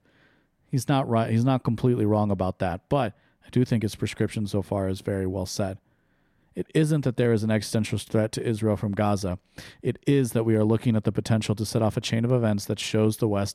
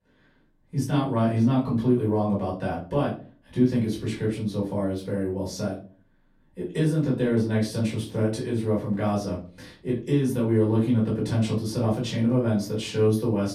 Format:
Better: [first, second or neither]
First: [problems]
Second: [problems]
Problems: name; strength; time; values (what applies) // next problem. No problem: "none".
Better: first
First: none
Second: off-mic speech; far // room echo; slight; dies away in 0.3 s